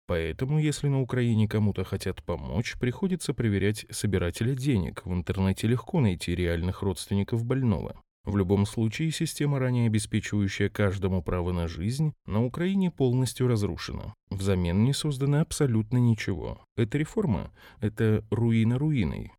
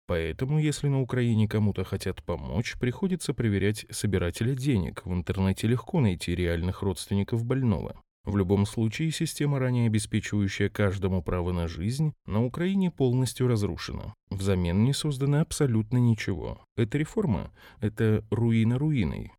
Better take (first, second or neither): neither